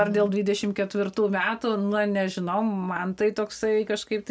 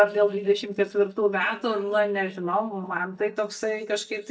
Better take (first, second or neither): first